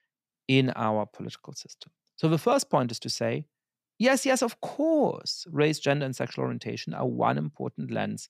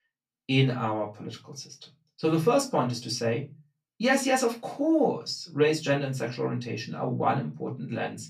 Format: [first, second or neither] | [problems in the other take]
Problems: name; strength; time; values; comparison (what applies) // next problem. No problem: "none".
first | off-mic speech; far // room echo; very slight; dies away in 0.2 s